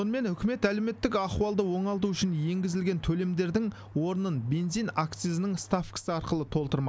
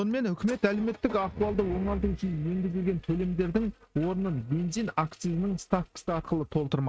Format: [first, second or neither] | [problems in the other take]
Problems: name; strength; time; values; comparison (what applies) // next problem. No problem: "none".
first | noise reduction (neural mask model RNNoise)